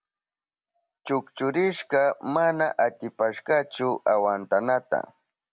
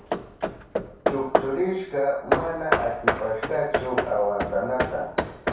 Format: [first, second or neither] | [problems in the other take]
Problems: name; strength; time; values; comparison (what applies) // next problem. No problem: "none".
first | background sound (Hammer / Wood); as loud as the speech // room echo; dies away in 0.6 s